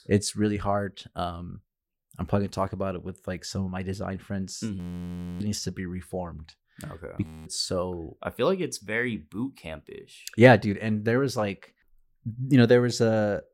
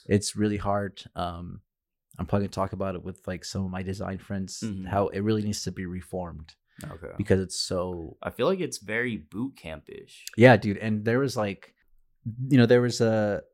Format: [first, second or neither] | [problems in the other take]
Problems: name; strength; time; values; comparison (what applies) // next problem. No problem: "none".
second | audio freezing; at 5 s for 0.5 s and at 7.5 s